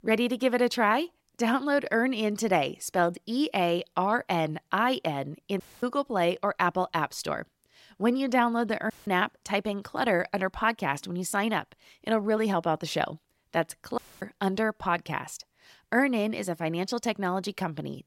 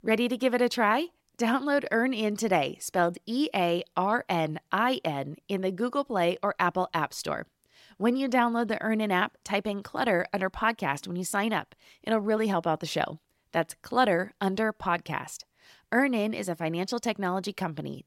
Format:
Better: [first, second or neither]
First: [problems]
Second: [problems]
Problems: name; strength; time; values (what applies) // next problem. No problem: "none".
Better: second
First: audio cutting out; at 5.5 s, at 9 s and at 14 s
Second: none